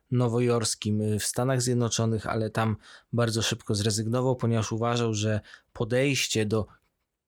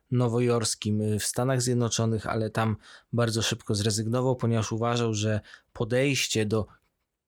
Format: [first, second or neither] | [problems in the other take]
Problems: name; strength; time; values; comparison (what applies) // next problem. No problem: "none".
neither | none